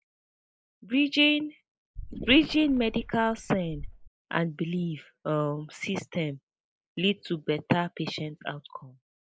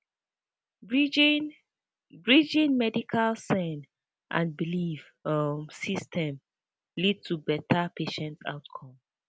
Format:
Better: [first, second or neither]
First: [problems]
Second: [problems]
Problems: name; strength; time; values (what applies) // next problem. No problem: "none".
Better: second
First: noise reduction (neural mask model Resemble Enhance denoiser)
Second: none